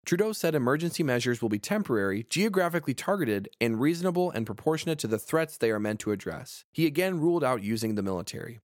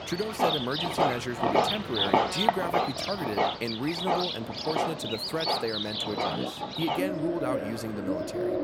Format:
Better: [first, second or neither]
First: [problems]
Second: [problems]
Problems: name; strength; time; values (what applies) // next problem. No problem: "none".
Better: first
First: none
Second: animal sounds; very loud; throughout; 5 dB above the speech